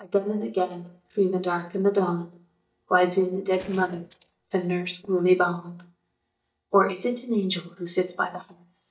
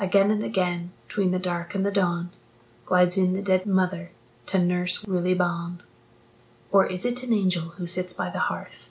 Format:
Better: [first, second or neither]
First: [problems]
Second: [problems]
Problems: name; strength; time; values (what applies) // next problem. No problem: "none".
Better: second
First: noise reduction (neural mask model DeepFilterNet 3)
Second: none